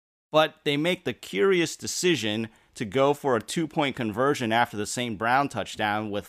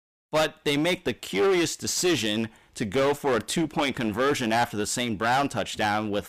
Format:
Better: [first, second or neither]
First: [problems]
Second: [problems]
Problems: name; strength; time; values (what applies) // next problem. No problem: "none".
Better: first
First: none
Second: distortion; heavy; 14% of the sound clipped